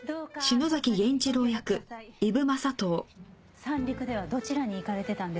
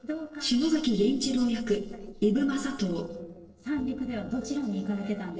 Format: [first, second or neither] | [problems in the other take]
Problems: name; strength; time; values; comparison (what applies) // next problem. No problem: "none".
first | noise reduction (neural separator model SepFormer DNS4)